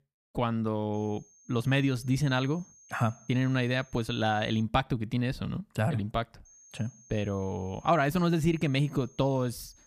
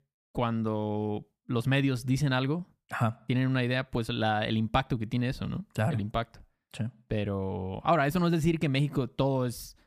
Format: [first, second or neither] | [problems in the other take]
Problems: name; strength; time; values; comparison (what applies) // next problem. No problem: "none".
second | high-pitched whine; faint; from 1 to 4.5 s and from 6.5 s on; 6.5 kHz, 25 dB below the speech